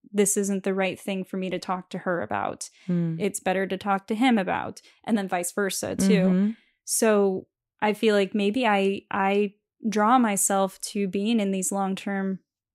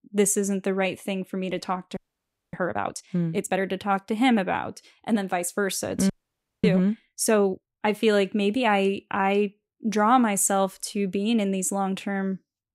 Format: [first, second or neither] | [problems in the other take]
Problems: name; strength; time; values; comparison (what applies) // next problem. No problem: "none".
first | audio freezing; at 2 s for 0.5 s and at 6 s for 0.5 s